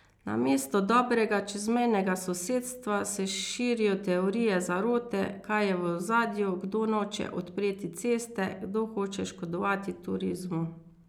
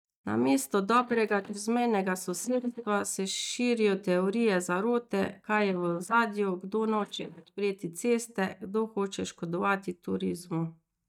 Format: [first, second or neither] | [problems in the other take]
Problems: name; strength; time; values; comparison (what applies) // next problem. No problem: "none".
first | noise reduction (neural mask model DeepFilterNet 3)